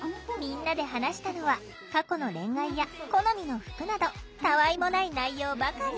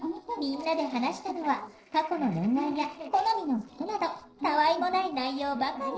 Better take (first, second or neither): first